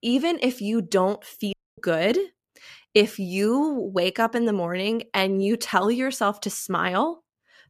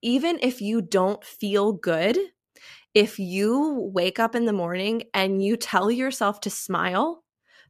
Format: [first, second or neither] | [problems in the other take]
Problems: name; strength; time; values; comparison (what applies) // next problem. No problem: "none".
second | audio cutting out; at 1.5 s